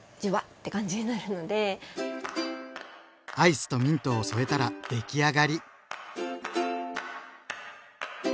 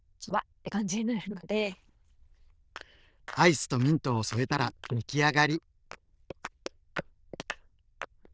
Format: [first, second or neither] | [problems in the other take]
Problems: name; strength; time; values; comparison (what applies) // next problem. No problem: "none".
first | noise reduction (neural diffusion model UNIVERSE++)